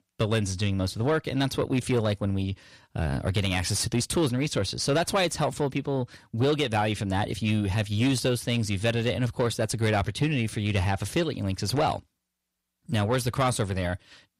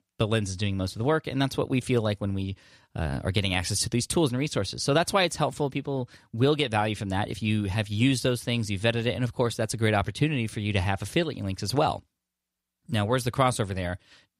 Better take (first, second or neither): second